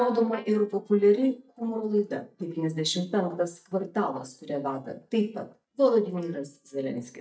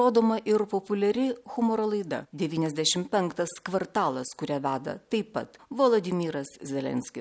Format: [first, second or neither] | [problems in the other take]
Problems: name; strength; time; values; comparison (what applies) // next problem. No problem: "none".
second | noise reduction (neural mask model DeepFilterNet 3)